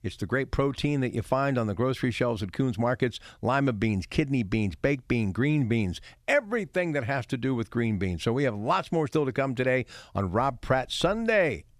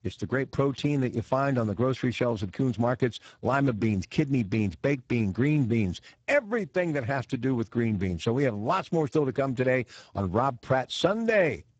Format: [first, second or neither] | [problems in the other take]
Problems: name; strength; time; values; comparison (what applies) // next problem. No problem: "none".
first | garbled, watery; badly; nothing above 8 kHz